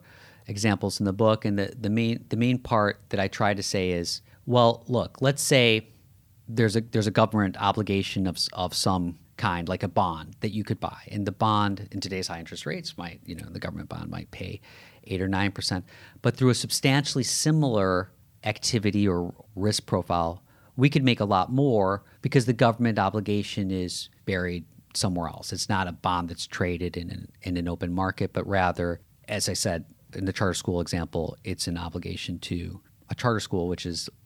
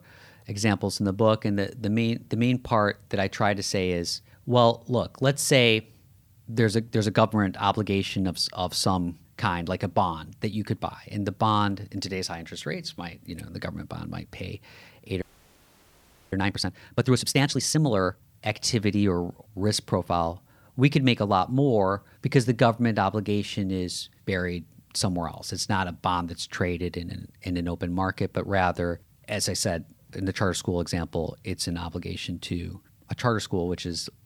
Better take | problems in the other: first | audio freezing; at 15 s for 1 s

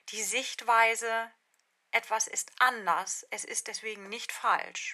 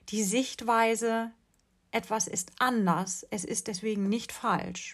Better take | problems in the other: second | thin; very; fading below 750 Hz

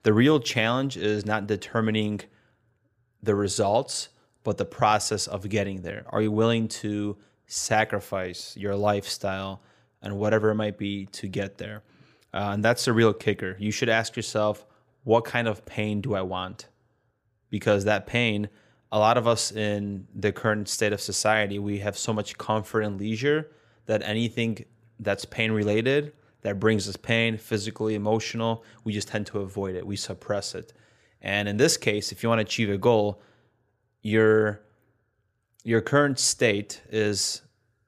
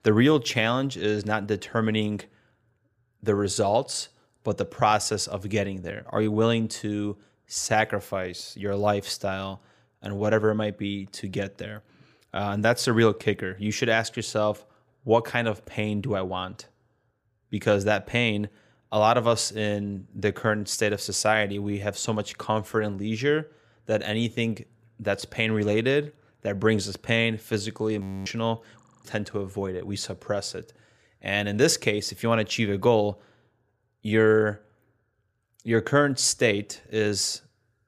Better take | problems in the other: first | audio freezing; at 28 s and at 29 s

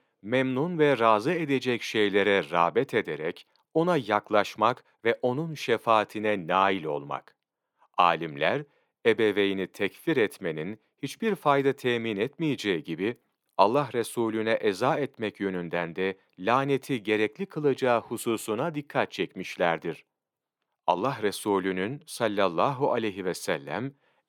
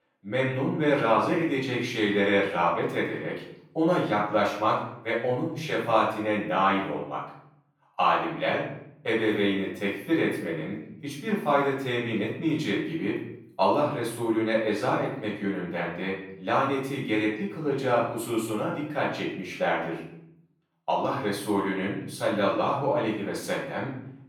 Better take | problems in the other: first | room echo; noticeable; dies away in 0.6 s // off-mic speech; far

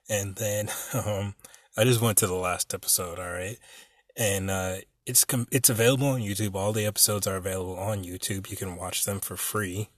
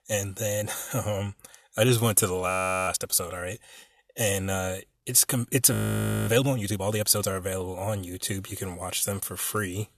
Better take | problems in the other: first | audio freezing; at 2.5 s and at 5.5 s for 0.5 s

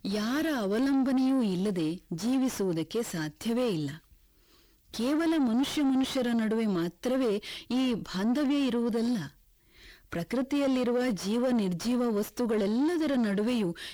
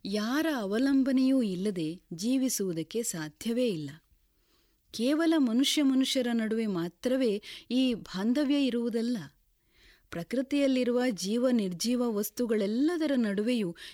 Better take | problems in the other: second | distortion; slight; 10 dB below the speech

